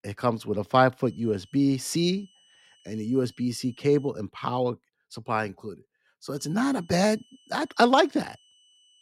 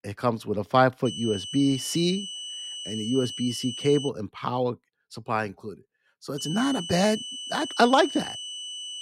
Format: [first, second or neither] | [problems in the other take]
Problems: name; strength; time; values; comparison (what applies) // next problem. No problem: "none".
first | high-pitched whine; loud; from 1 to 4 s and from 6.5 s on; 3 kHz, 8 dB below the speech; faint in the first